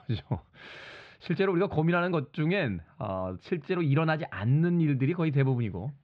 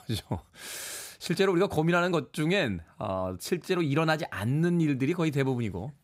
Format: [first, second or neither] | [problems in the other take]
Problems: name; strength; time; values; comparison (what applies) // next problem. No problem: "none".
second | muffled; slightly; fading above 3.5 kHz